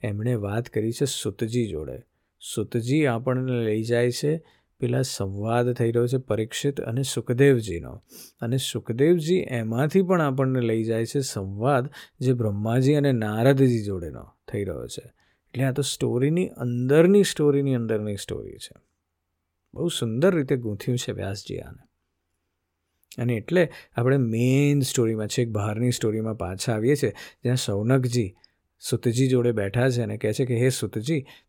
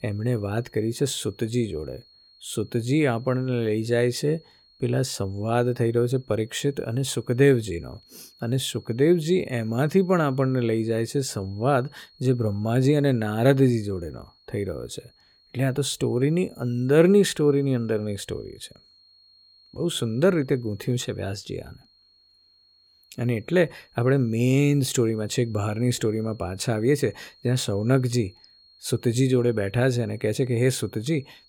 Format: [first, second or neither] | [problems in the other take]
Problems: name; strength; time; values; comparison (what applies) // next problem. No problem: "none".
first | high-pitched whine; faint; throughout; 4.5 kHz, 30 dB below the speech